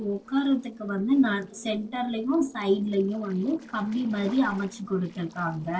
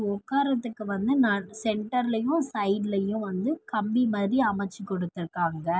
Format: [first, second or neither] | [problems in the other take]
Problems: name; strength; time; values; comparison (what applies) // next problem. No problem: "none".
second | noise reduction (neural separator model SepFormer DNS4)